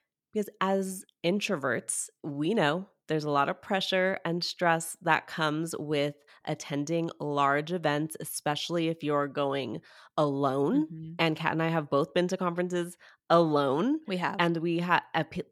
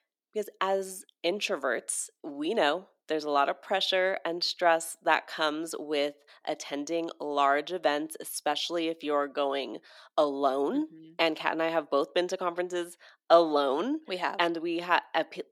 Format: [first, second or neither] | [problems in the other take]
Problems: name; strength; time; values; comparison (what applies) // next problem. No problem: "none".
first | thin; somewhat; fading below 300 Hz